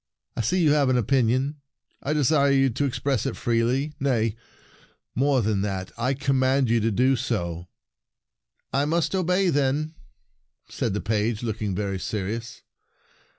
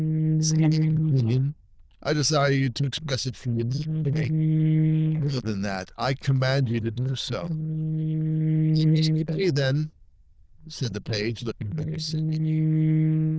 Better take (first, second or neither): first